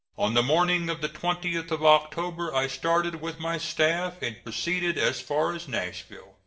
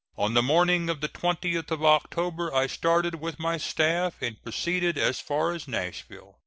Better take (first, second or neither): second